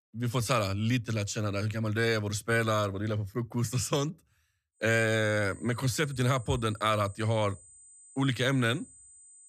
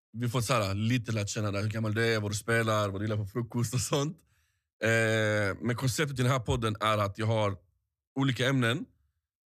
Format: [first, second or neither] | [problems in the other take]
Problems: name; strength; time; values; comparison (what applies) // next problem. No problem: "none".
second | high-pitched whine; faint; from 5 s on; 8 kHz, 20 dB below the speech